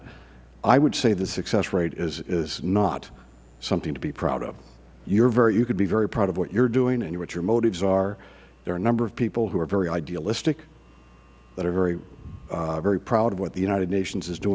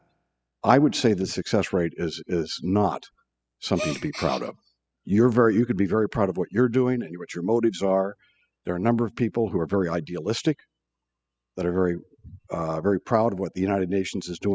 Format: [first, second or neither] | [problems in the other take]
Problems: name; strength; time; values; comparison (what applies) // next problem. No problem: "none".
first | noise reduction (classical method spectral subtraction)